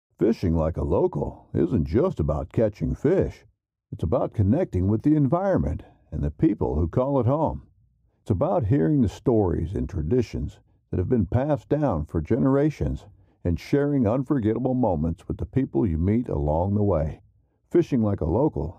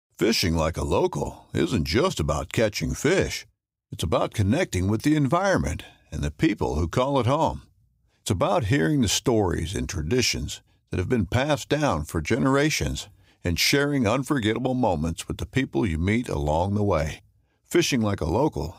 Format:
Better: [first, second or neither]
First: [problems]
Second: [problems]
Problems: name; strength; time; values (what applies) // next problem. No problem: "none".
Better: second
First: muffled; very; fading above 1.5 kHz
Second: none